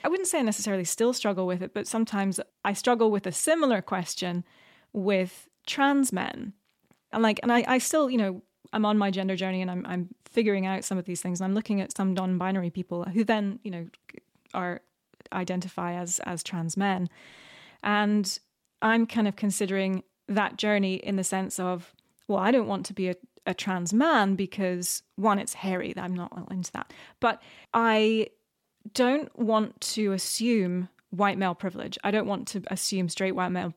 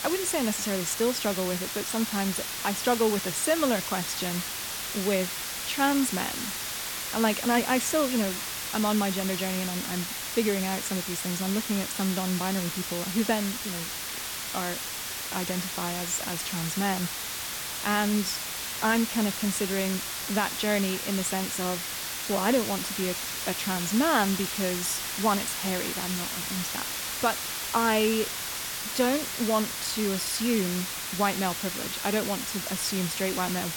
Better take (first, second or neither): first